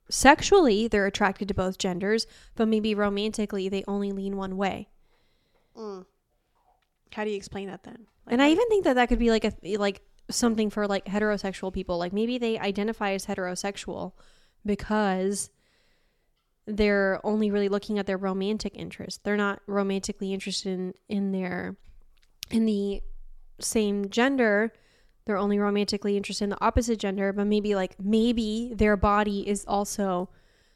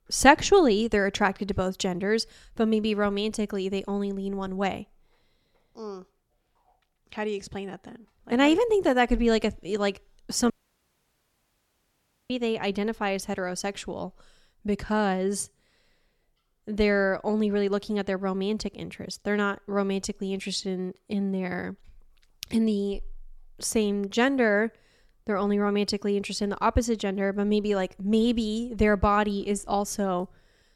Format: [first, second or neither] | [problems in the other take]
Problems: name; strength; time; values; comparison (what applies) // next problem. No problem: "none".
first | audio cutting out; at 11 s for 2 s